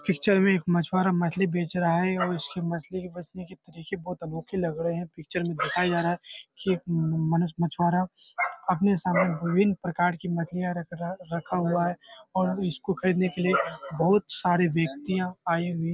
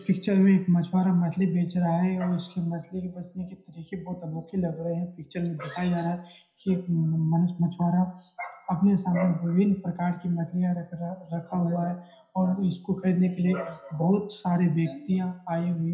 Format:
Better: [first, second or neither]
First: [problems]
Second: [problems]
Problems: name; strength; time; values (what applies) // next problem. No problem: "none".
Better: first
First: none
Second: room echo; dies away in 0.5 s